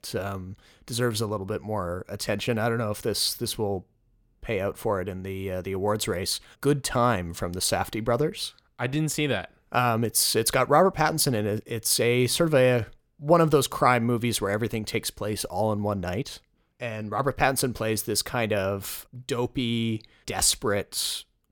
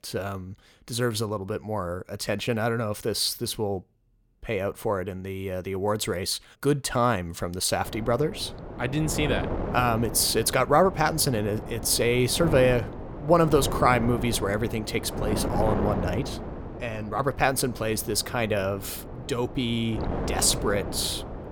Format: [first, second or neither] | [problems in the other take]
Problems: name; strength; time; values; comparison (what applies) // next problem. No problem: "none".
first | wind noise on the microphone; occasional gusts; from 8 s on; 10 dB below the speech